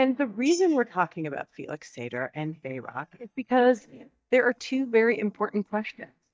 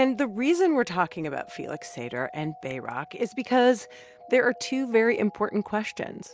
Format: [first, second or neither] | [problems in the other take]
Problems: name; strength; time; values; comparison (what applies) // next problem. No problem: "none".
second | noise reduction (neural mask model DeepFilterNet 3)